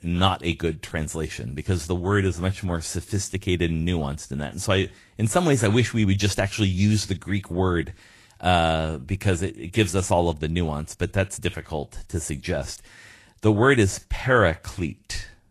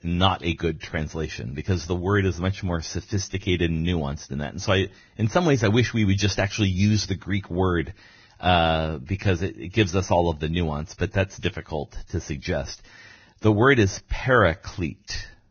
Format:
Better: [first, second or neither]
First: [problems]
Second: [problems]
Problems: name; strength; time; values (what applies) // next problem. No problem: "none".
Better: first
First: garbled, watery; slightly; nothing above 11.5 kHz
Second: garbled, watery; badly; nothing above 6.5 kHz